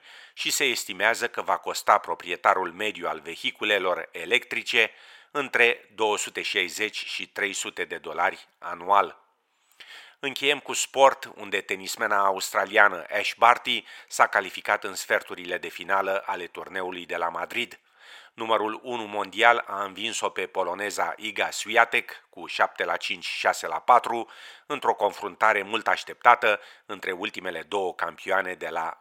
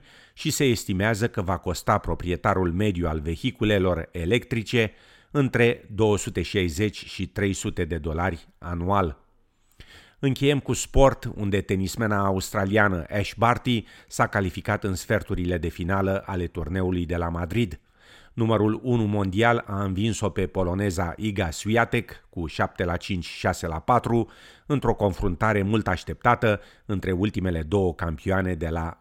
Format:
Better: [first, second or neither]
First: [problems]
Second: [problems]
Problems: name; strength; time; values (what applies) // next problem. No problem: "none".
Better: second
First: thin; very; fading below 700 Hz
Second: none